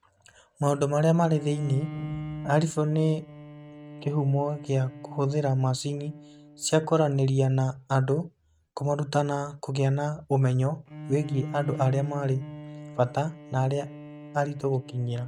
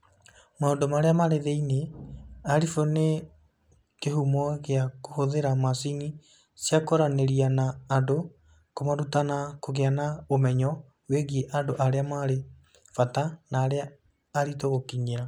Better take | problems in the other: second | noise reduction (neural mask model RNNoise)

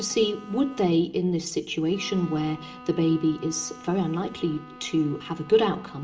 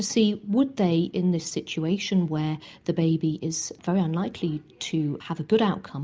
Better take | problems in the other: second | background sound (Bowed string instrument); 19 dB below the speech // room echo; dies away in 0.8 s

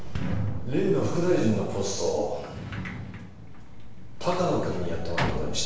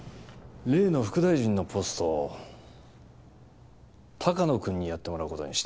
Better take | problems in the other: second | background sound (Sliding door); 9 dB below the speech // room echo; dies away in 0.9 s

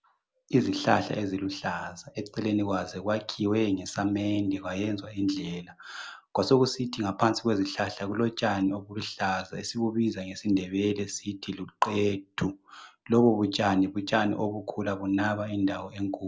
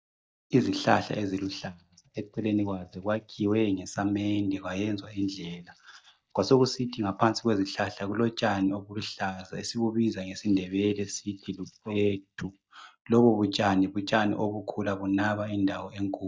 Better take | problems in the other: first | noise reduction (neural mask model DeepFilterNet 3)

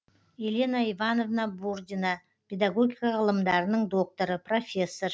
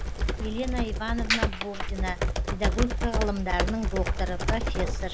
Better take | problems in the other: first | background sound (Computer keyboard); 5 dB above the speech

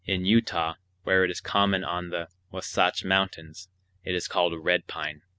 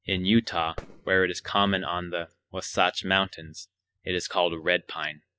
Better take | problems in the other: first | noise reduction (classical method log-MMSE)

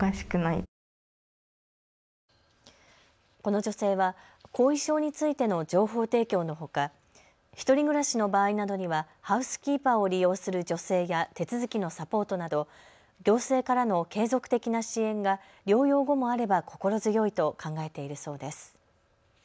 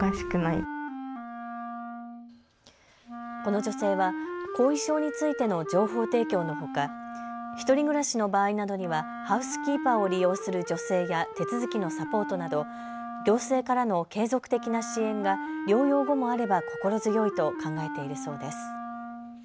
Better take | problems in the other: first | background sound (Wind instrument, woodwind instrument); 8 dB below the speech

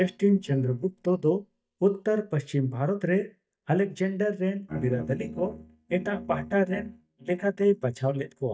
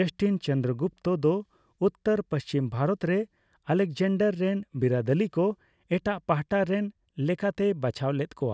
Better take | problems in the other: second | noise reduction (neural mask model DeepFilterNet 3)

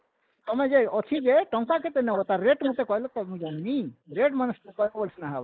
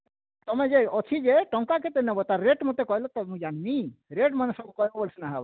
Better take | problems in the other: second | noise reduction (neural mask model Resemble Enhance denoiser)

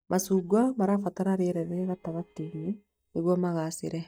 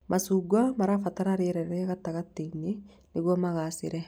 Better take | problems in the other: second | noise reduction (neural mask model DeepFilterNet 3)

